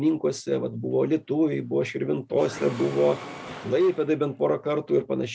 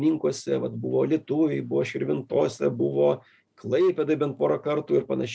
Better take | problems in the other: second | background sound (Mechanisms); 15 dB below the speech

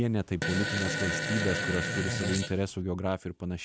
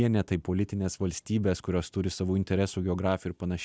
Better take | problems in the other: second | background sound (Fart); 1 dB below the speech

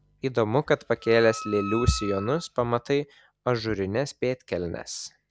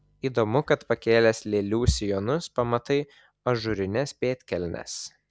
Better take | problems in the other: second | background sound (Wind instrument, woodwind instrument); 13 dB below the speech

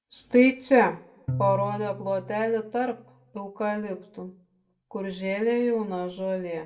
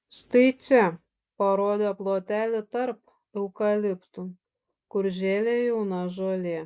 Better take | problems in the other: second | background sound (Bowed string instrument); 12 dB below the speech // room echo; dies away in 0.3 s

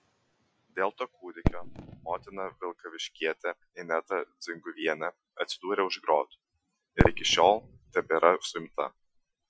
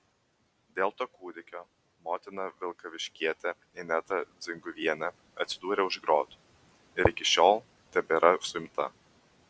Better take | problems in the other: second | noise reduction (classical method Wiener filter)

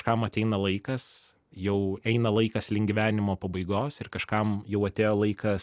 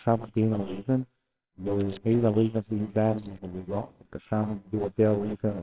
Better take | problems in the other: first | noise reduction (neural separator model SepFormer WHAMR!)

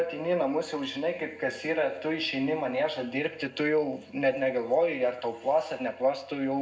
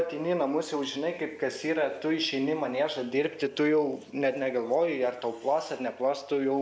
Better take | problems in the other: second | room echo; dies away in 0.3 s

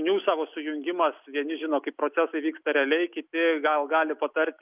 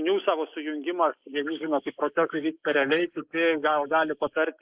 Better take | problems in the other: first | noise reduction (neural mask model Resemble Enhance denoiser)

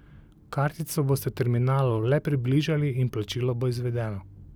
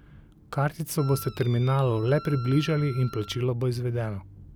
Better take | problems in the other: first | background sound (Wind instrument, woodwind instrument); 18 dB below the speech

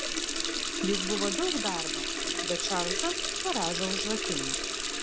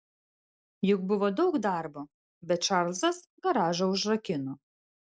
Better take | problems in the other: second | background sound (Water tap, faucet); 4 dB above the speech

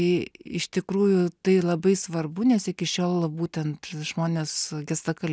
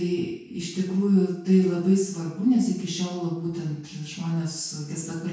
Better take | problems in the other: first | room echo; dies away in 0.6 s

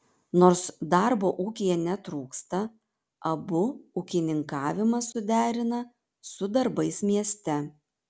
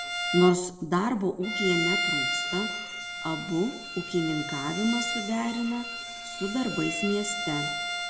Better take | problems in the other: first | background sound (Bowed string instrument); 4 dB below the speech // room echo; dies away in 1 s

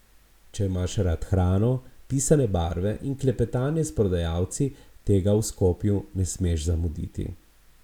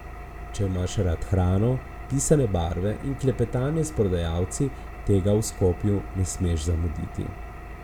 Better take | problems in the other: first | background sound (Engine); 12 dB below the speech

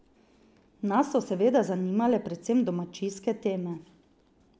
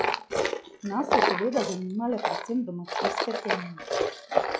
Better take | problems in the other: first | noise reduction (classical method log-MMSE)

